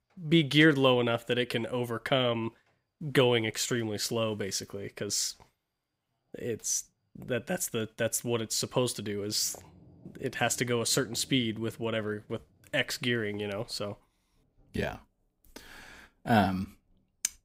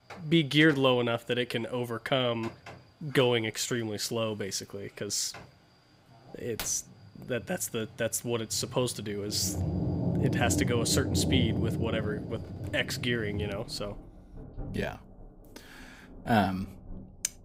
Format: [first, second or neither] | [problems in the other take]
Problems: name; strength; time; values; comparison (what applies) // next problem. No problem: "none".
first | rain or running water; loud; throughout; 4 dB below the speech; faint in the first